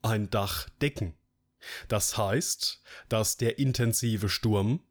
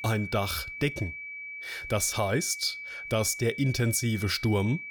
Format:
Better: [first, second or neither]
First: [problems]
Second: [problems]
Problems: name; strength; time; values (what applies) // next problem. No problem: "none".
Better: first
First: none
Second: high-pitched whine; loud; throughout; 2.5 kHz, 9 dB below the speech